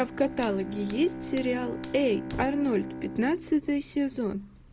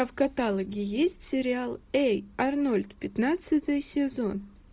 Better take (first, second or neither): second